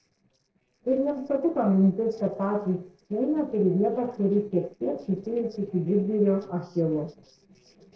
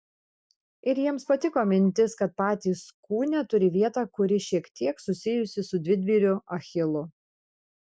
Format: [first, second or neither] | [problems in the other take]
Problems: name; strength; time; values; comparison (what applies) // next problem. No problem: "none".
second | noise reduction (neural separator model SepFormer DNS4)